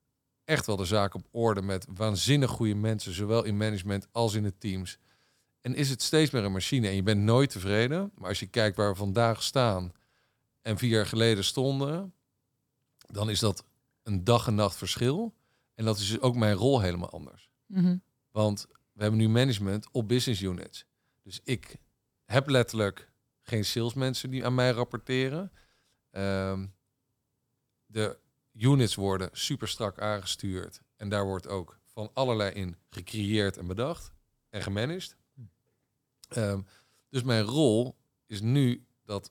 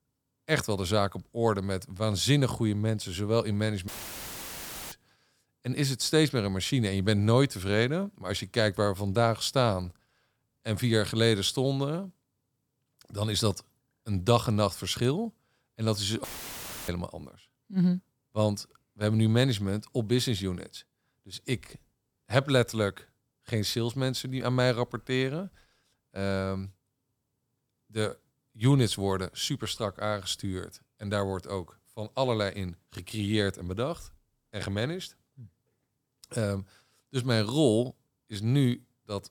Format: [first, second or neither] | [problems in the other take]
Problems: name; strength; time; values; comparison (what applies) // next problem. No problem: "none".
first | audio cutting out; filled with static; at 4 s for 1 s and at 16 s for 0.5 s